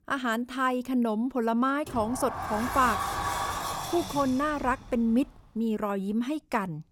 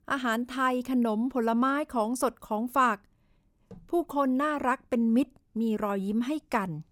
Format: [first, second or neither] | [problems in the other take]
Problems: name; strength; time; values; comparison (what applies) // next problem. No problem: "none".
second | door banging; noticeable; from 2 to 5.5 s; peak 1 dB below the speech